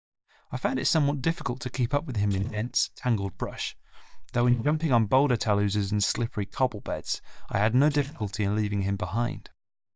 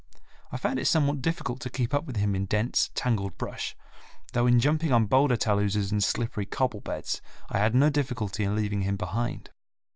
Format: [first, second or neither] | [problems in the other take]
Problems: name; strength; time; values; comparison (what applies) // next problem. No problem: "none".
second | noise reduction (neural mask model DeepFilterNet 3)